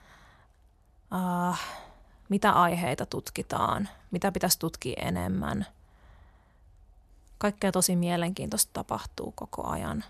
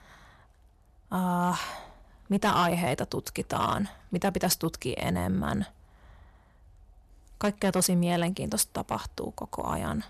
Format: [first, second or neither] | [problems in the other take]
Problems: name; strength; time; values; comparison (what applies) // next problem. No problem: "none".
first | distortion; slight; 3% of the sound clipped